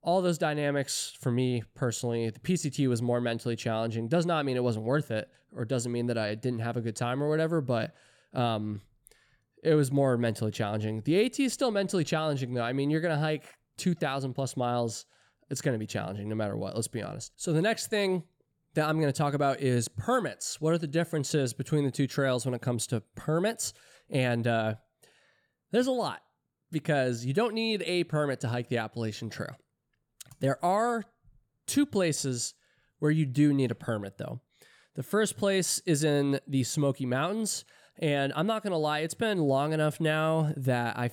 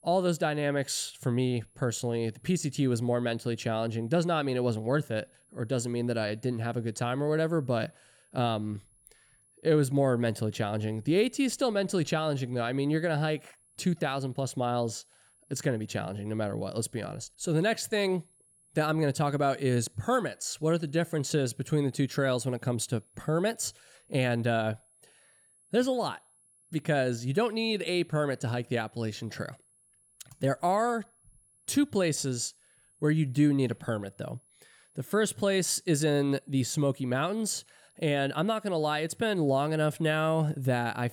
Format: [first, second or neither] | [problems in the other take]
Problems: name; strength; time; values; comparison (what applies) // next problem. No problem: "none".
first | high-pitched whine; faint; throughout; 10.5 kHz, 35 dB below the speech